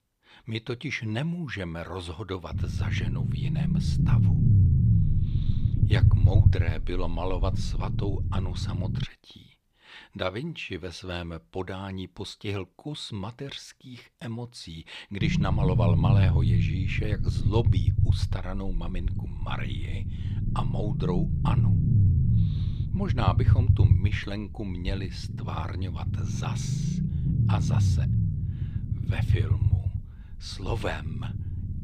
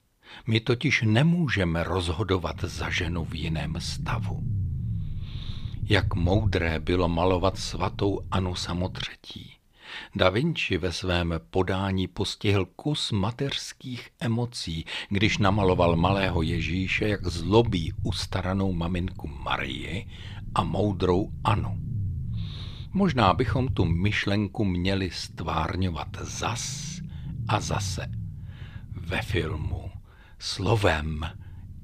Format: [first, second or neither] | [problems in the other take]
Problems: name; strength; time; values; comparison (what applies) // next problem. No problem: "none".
second | low rumble; loud; from 2.5 to 9 s and from 15 s on; 3 dB below the speech; faint in the second